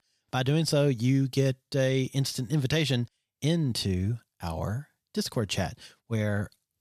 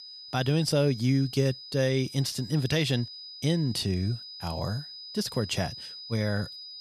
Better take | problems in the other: first | high-pitched whine; noticeable; throughout; 5 kHz, 10 dB below the speech

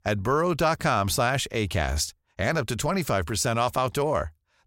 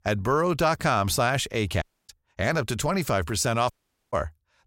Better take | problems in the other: first | audio cutting out; at 2 s and at 3.5 s

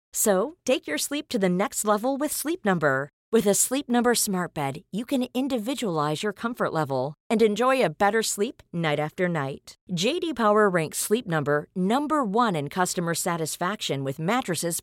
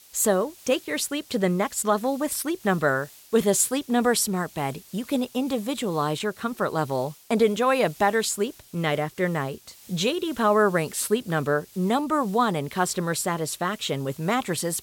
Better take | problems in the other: first | hiss; faint; throughout; 25 dB below the speech

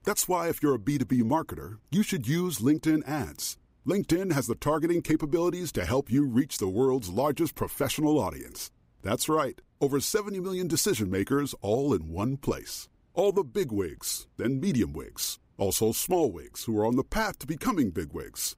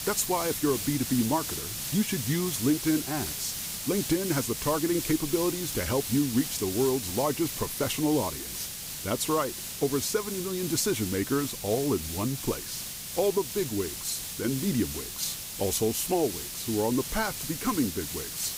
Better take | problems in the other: first | hiss; loud; throughout; 4 dB below the speech

